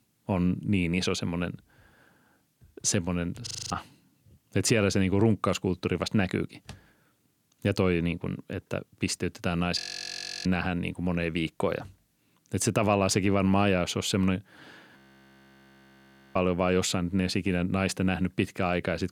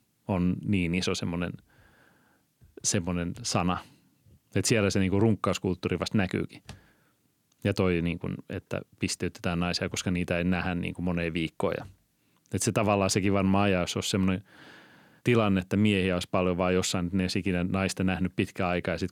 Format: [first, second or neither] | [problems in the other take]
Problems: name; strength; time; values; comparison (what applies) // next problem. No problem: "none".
second | audio freezing; at 3.5 s, at 10 s for 0.5 s and at 15 s for 1.5 s